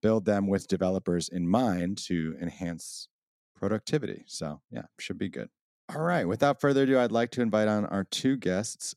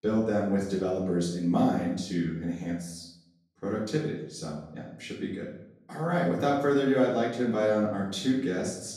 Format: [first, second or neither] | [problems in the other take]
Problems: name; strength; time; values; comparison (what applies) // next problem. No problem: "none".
first | off-mic speech; far // room echo; noticeable; dies away in 0.6 s